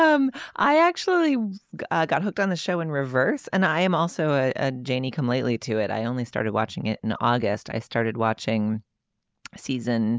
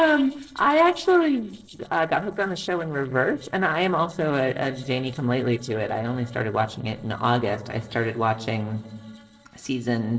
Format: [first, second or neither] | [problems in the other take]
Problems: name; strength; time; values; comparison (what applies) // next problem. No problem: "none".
first | noise reduction (neural separator model SepFormer DNS4)